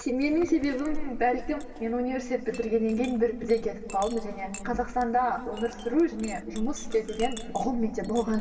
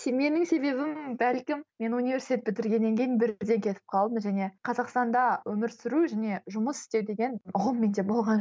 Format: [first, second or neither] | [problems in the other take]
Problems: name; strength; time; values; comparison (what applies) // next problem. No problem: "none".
second | background sound (Chink, clink); 10 dB below the speech // room echo; dies away in 2.4 s